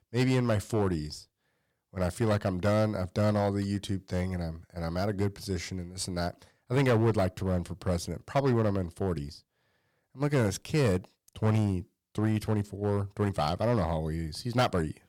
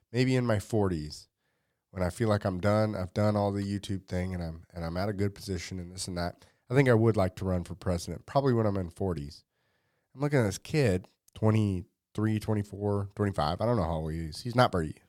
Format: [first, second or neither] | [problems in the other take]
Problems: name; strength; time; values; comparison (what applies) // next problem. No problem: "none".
second | distortion; slight; 4% of the sound clipped